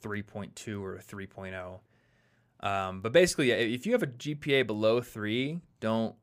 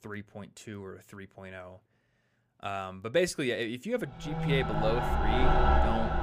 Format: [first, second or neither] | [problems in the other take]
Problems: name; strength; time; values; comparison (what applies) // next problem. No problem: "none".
first | machinery noise; very loud; from 5 s on; 4 dB above the speech